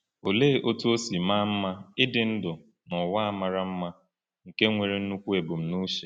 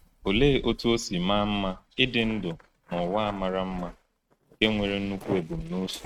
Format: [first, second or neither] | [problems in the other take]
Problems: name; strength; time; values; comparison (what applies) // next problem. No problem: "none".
first | noise reduction (neural mask model RNNoise)